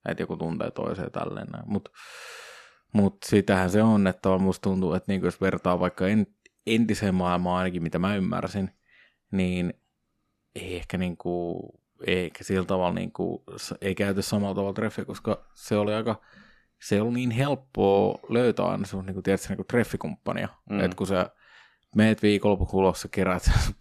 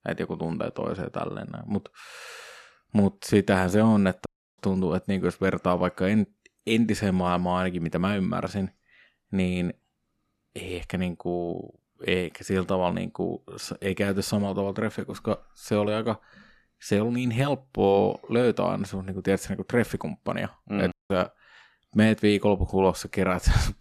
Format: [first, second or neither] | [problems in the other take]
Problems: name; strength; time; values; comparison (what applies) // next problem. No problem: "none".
first | audio cutting out; at 4.5 s and at 21 s